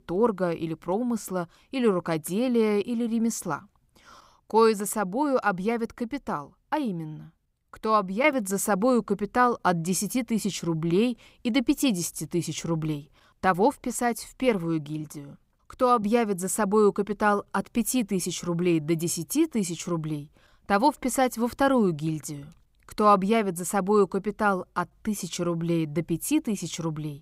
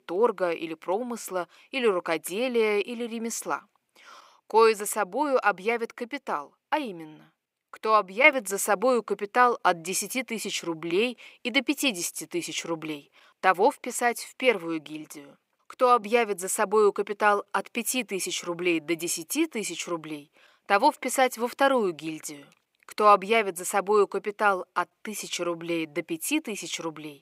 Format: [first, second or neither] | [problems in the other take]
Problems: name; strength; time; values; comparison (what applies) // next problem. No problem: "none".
first | thin; somewhat; fading below 450 Hz